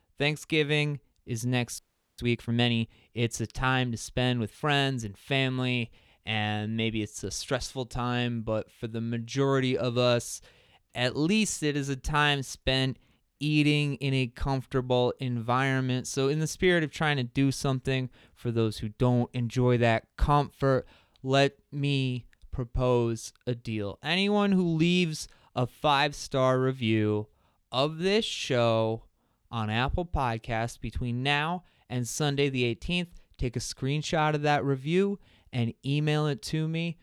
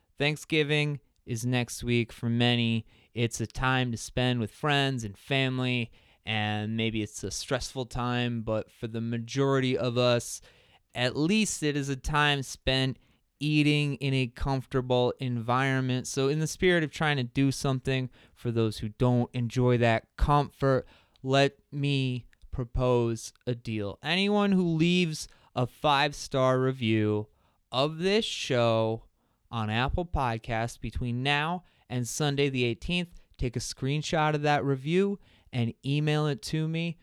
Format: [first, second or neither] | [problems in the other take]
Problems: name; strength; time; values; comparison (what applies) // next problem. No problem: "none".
second | audio freezing; at 2 s